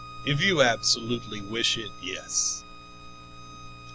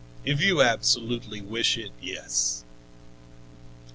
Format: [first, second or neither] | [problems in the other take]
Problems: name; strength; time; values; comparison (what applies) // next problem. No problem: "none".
second | background sound (Bowed string instrument); 17 dB below the speech